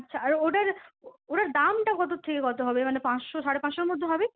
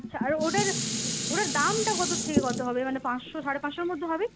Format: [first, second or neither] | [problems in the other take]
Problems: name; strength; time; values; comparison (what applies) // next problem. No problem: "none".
first | background sound (Dishes, pots, and pans); 2 dB below the speech